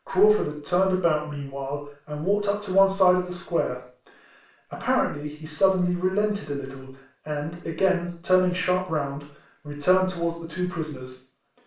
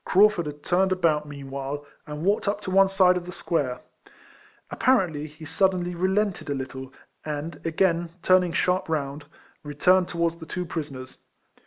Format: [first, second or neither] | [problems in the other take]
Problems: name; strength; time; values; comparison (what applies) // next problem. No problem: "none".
second | room echo; dies away in 0.4 s